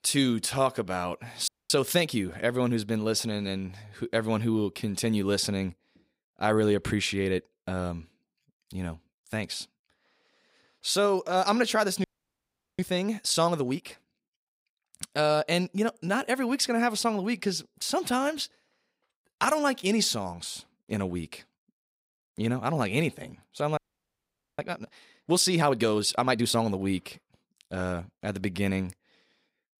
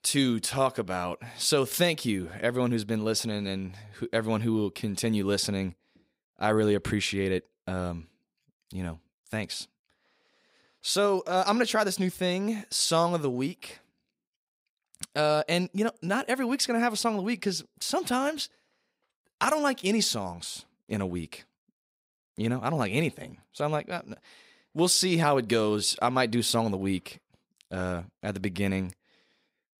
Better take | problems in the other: second | audio freezing; at 1.5 s, at 12 s for 1 s and at 24 s for 1 s

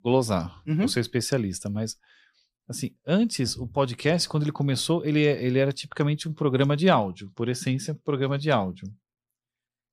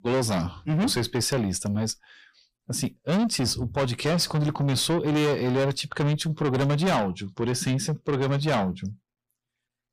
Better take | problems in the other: first | distortion; heavy; 6 dB below the speech

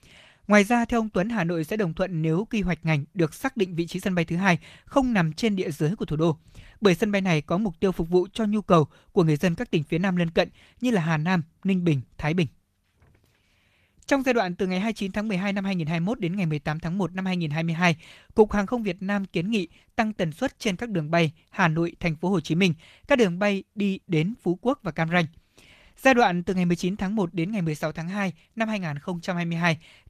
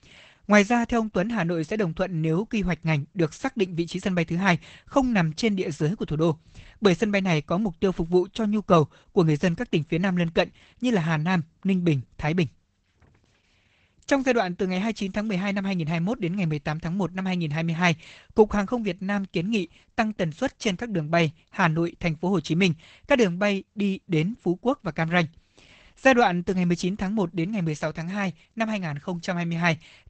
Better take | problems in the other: first | garbled, watery; badly; nothing above 8 kHz; slightly in the first

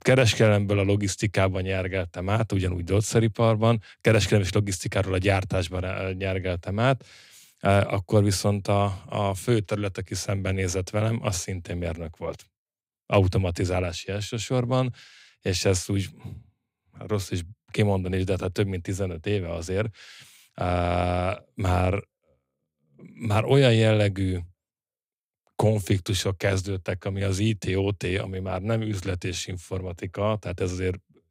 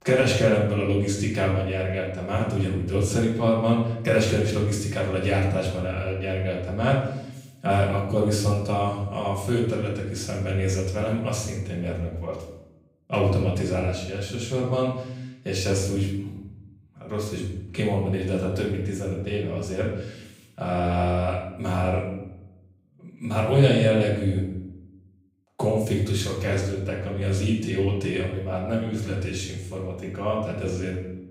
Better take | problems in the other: first | room echo; noticeable; dies away in 0.8 s // off-mic speech; far

